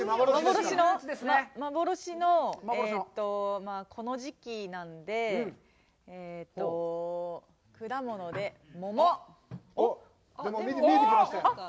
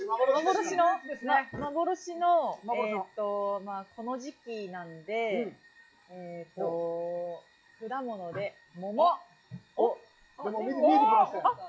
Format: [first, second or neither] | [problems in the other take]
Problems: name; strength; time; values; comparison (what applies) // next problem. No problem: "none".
first | noise reduction (classical method log-MMSE)